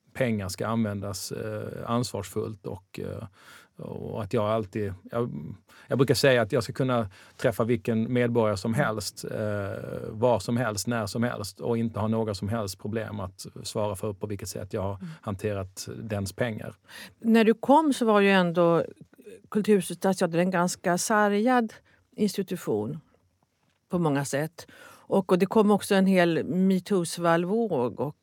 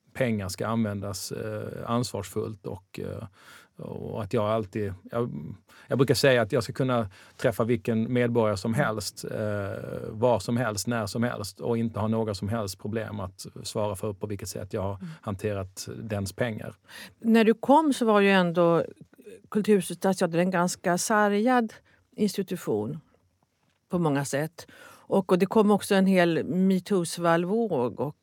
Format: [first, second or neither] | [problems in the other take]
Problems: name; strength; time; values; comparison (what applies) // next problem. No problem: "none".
neither | none